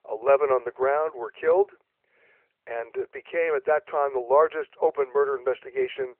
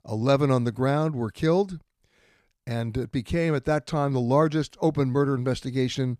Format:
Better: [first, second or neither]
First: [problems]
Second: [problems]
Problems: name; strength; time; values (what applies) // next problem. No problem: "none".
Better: second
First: phone-call audio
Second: none